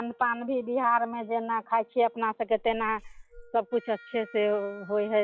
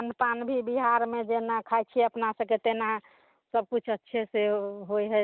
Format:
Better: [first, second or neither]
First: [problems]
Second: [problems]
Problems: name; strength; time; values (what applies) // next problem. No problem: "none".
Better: second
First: noise reduction (classical method log-MMSE)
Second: none